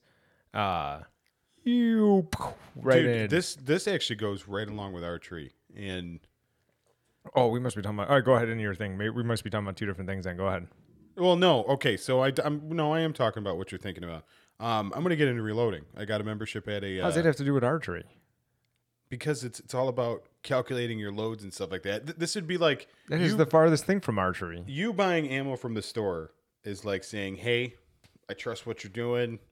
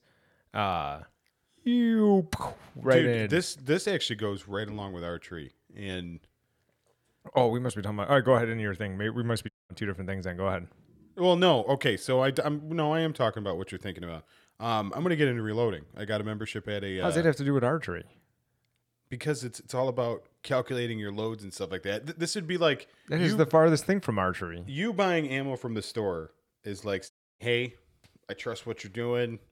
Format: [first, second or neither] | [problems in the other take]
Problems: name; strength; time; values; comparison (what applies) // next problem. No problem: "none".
first | audio cutting out; at 9.5 s and at 27 s